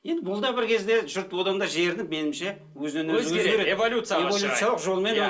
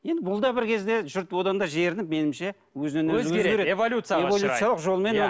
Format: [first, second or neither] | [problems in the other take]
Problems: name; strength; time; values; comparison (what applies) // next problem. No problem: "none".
second | room echo; dies away in 0.2 s